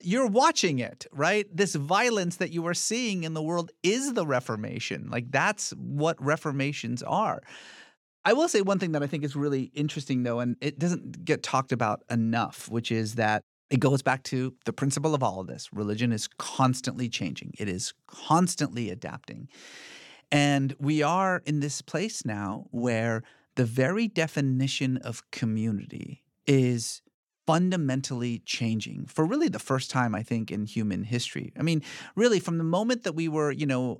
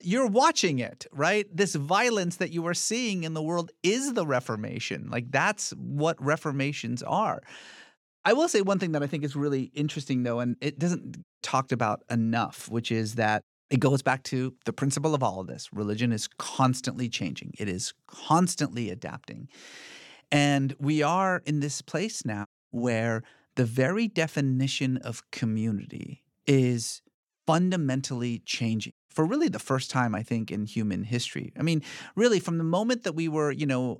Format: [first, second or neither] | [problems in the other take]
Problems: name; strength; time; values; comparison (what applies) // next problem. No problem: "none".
first | audio cutting out; at 11 s, at 22 s and at 29 s